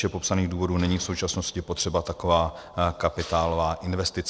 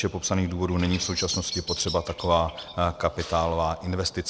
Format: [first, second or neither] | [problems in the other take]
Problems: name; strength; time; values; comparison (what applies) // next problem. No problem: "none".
first | background sound (Bird vocalization, bird call, bird song); 13 dB below the speech